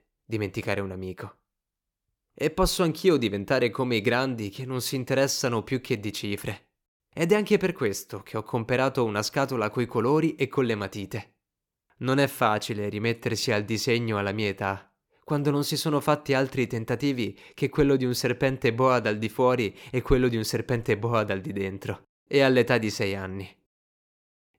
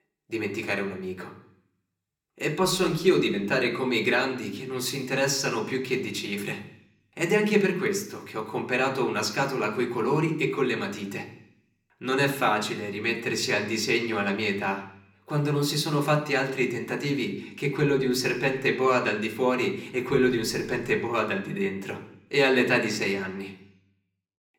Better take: first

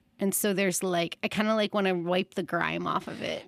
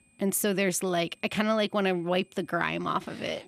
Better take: first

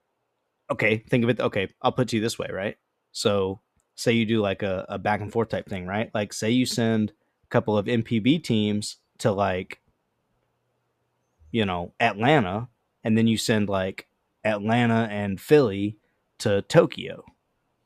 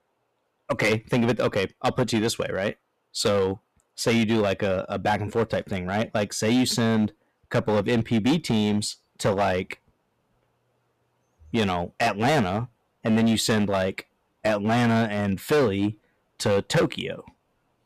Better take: first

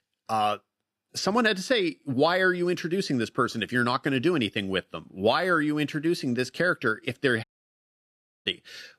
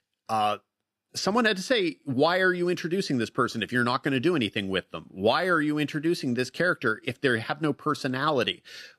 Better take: second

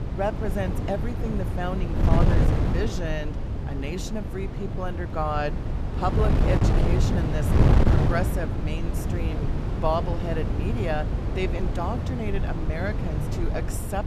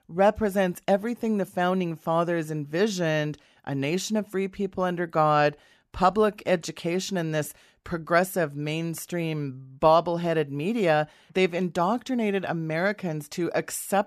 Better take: second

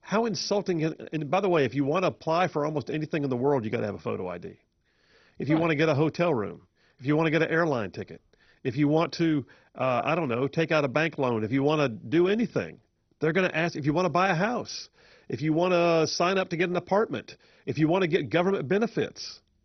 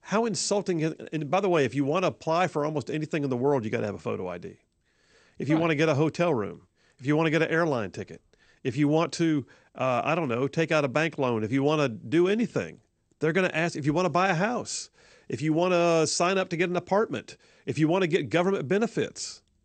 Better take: second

